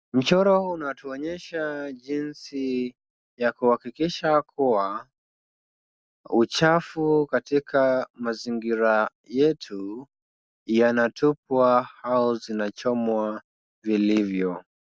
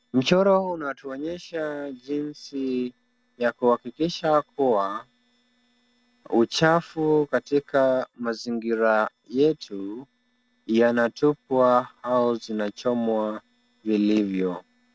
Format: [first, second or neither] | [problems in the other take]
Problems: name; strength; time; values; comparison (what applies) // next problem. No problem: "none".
first | noise reduction (neural separator model SepFormer DNS4)